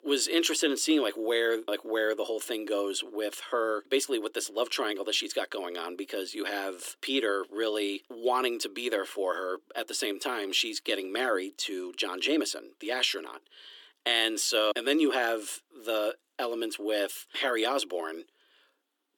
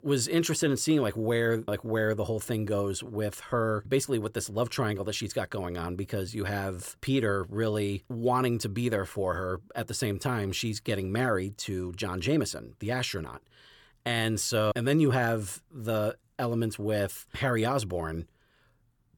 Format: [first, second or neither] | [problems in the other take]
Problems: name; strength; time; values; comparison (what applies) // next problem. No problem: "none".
second | thin; somewhat; fading below 300 Hz